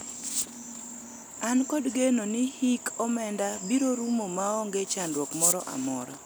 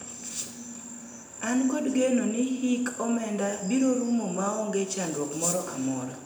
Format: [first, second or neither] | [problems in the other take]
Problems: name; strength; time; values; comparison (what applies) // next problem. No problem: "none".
first | room echo; dies away in 0.8 s